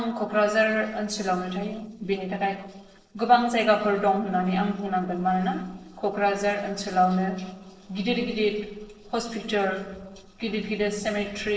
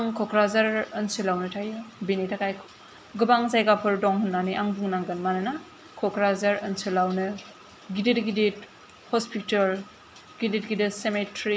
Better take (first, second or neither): second